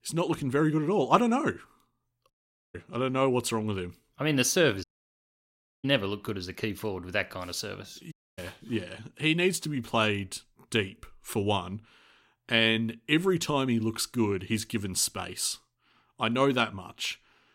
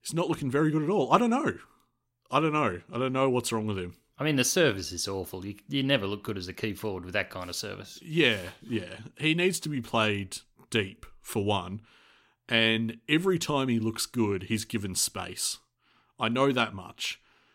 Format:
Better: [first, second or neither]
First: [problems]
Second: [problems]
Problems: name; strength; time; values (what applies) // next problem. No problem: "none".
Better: second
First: audio cutting out; at 2.5 s, at 5 s for 1 s and at 8 s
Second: none